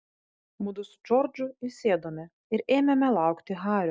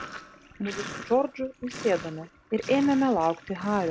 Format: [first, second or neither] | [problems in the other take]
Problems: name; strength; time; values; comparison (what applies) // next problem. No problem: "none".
first | background sound (Sink (filling or washing)); 14 dB below the speech